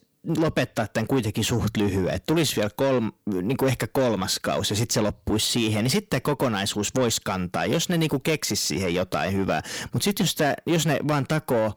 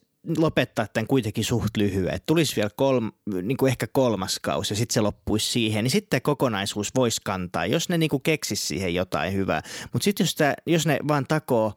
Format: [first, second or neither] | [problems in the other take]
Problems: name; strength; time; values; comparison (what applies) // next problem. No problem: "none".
second | distortion; slight; 10 dB below the speech